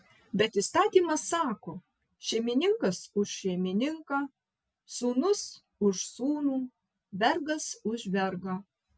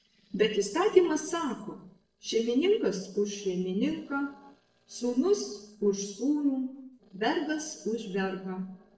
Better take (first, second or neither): first